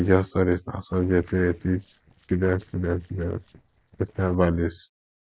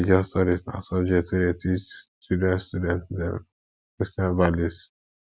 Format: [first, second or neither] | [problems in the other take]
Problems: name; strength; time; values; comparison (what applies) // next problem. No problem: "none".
second | noise reduction (neural separator model SepFormer DNS4)